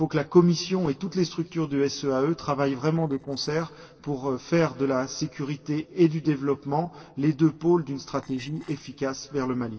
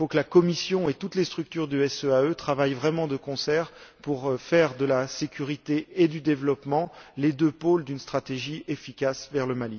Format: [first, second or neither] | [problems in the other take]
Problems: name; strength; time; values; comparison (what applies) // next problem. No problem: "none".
second | noise reduction (neural separator model SepFormer DNS4)